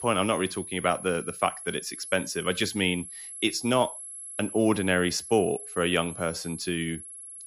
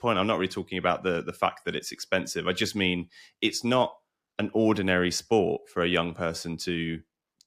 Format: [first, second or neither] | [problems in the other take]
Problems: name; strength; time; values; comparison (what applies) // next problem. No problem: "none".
second | high-pitched whine; noticeable; throughout; 11 kHz, 10 dB below the speech